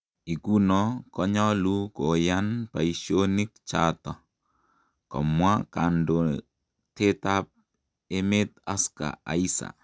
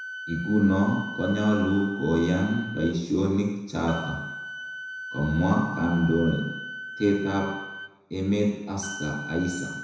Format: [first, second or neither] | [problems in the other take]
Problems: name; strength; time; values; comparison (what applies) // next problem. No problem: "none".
first | background sound (Wind instrument, woodwind instrument); 12 dB below the speech // room echo; dies away in 1 s